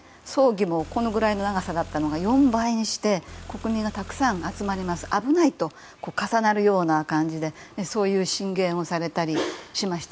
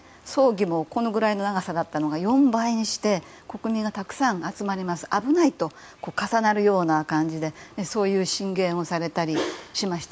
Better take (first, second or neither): second